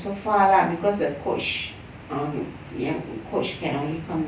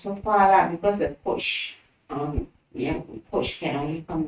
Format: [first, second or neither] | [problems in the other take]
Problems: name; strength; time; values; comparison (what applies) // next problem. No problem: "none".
first | noise reduction (neural mask model RNNoise)